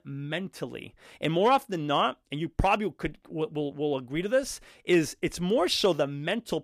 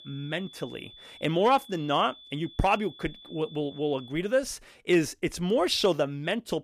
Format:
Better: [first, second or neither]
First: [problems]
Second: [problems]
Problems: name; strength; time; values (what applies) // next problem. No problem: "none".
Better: first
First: none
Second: high-pitched whine; noticeable; until 4 s; 3.5 kHz, 20 dB below the speech